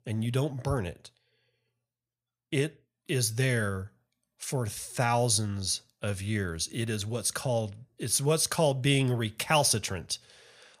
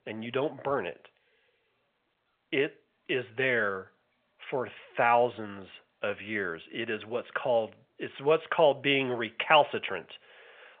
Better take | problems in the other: first | phone-call audio; nothing above 3.5 kHz

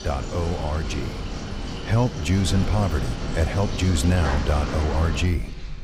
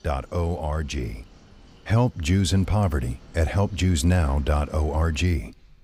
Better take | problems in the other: second | household noises; loud; throughout; 6 dB below the speech; faint in the second

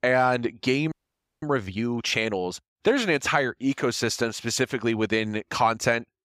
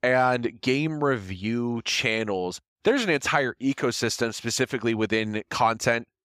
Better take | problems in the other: second | audio freezing; at 1 s

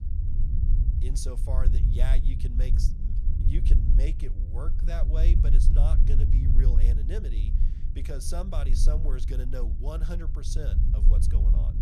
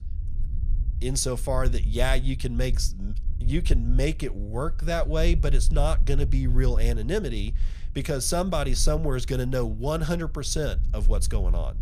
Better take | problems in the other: second | low rumble; loud; throughout; 4 dB below the speech; faint in the second

